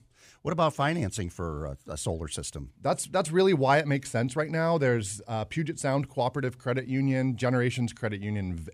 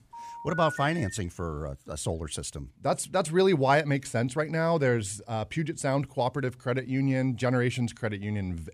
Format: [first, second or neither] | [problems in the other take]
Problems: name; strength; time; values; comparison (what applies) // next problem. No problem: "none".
first | phone ringing; noticeable; until 1 s; peak 8 dB below the speech